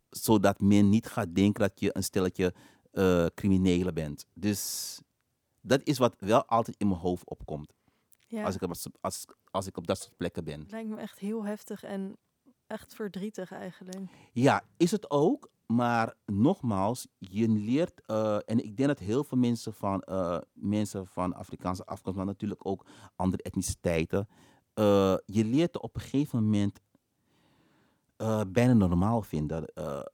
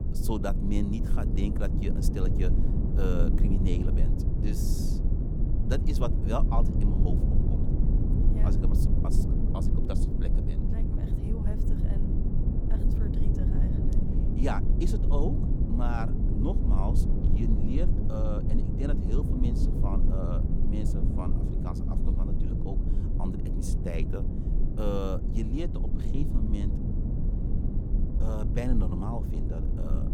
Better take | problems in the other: first | low rumble; loud; throughout; 1 dB below the speech

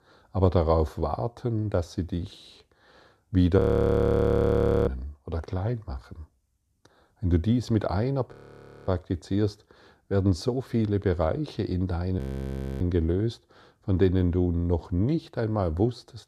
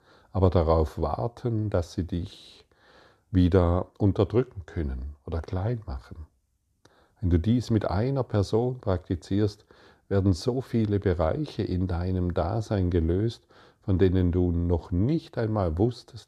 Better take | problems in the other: second | audio freezing; at 3.5 s for 1.5 s, at 8.5 s for 0.5 s and at 12 s for 0.5 s

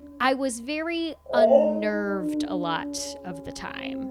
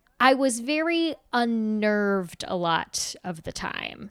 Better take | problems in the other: second | animal sounds; very loud; throughout; 4 dB above the speech

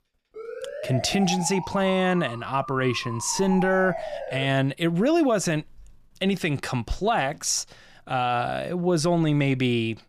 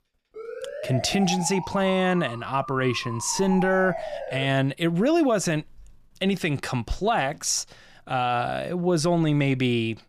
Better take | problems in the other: neither | siren; noticeable; until 4.5 s; peak 7 dB below the speech; the same in both

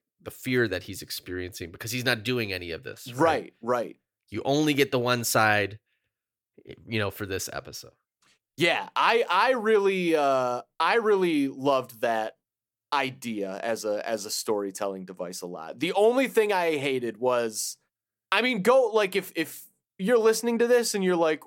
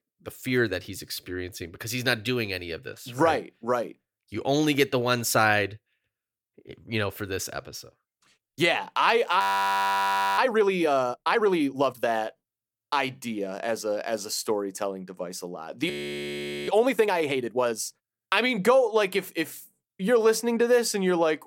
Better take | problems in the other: first | audio freezing; at 9.5 s for 1 s and at 16 s for 1 s

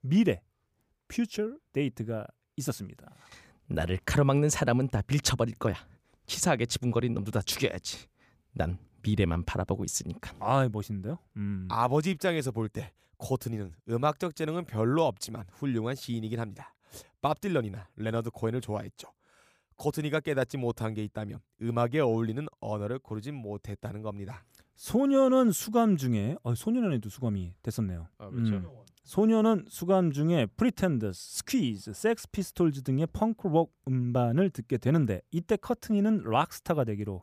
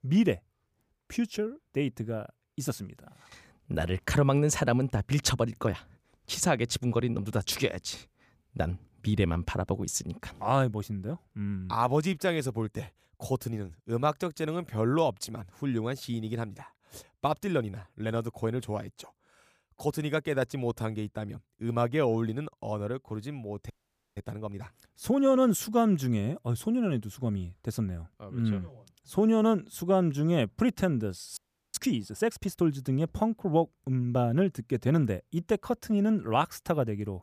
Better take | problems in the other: first | audio freezing; at 24 s and at 31 s

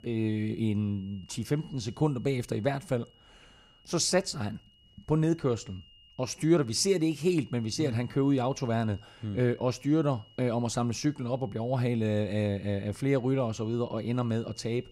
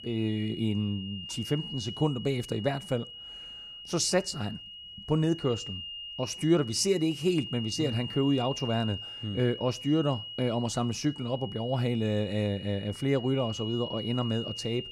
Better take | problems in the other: first | high-pitched whine; loud; throughout; 3 kHz, 10 dB below the speech; faint in the first

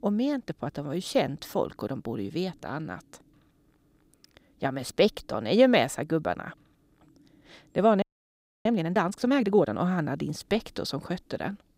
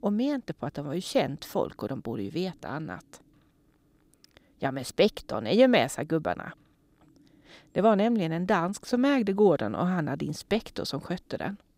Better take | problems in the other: second | audio freezing; at 8 s for 0.5 s

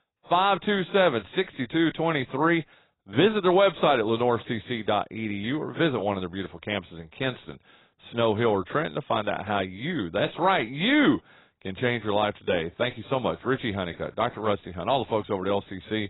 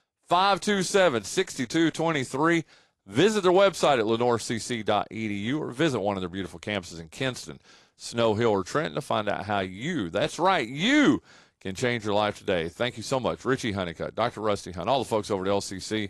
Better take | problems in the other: second | garbled, watery; badly; nothing above 4 kHz; slightly in the second

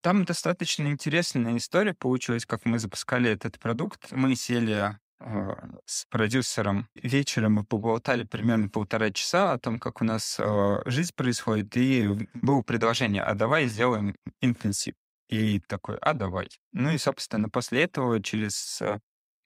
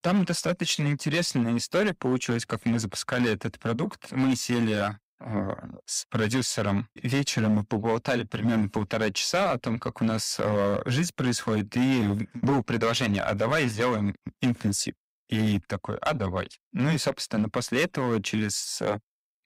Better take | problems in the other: first | distortion; slight; 6% of the sound clipped

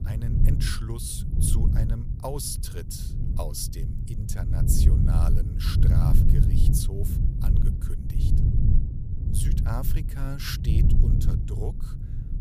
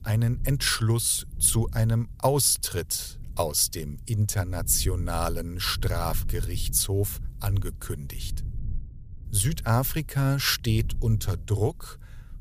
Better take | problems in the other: second | low rumble; loud; throughout; 2 dB below the speech; faint in the second

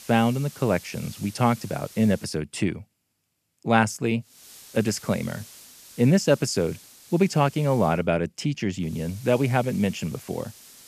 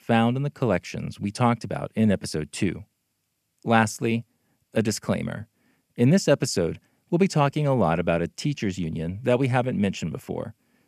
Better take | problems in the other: second | hiss; faint; until 2.5 s, from 4.5 to 8 s and from 9 s on; 20 dB below the speech

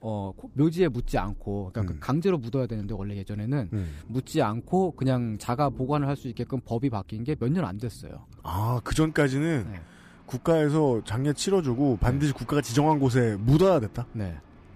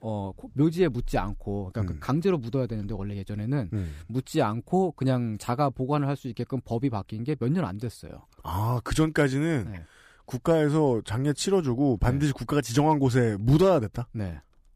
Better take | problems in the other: second | rain or running water; faint; throughout; 25 dB below the speech

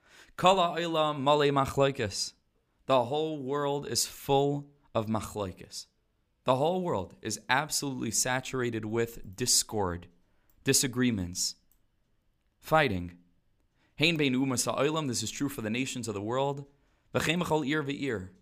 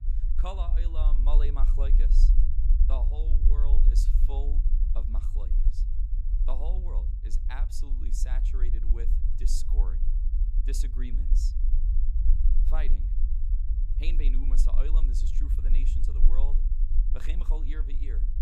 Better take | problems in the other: first | low rumble; loud; throughout; 6 dB below the speech

